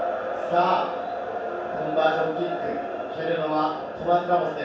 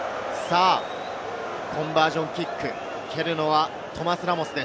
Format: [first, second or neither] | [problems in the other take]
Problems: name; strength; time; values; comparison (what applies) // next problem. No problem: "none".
second | room echo; dies away in 0.7 s